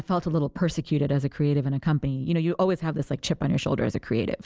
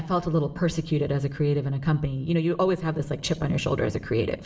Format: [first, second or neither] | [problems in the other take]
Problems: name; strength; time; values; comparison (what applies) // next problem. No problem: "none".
first | room echo; dies away in 1.3 s